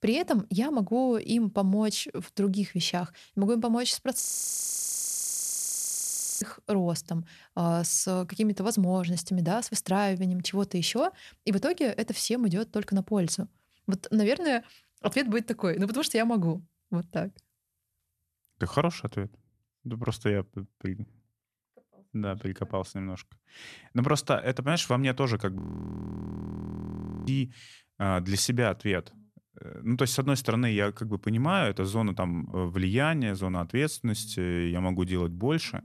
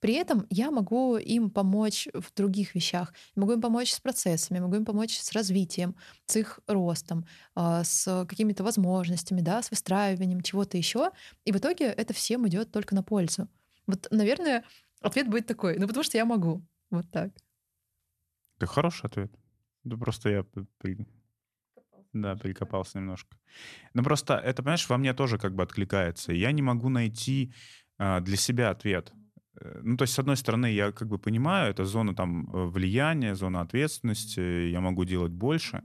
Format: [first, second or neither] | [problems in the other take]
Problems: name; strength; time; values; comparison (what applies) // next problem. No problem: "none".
second | audio freezing; at 4 s for 2 s and at 26 s for 1.5 s